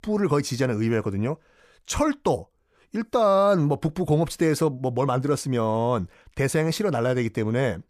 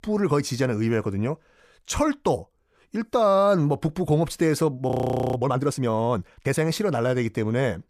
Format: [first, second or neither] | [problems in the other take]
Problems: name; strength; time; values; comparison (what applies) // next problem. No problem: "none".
first | audio freezing; at 5 s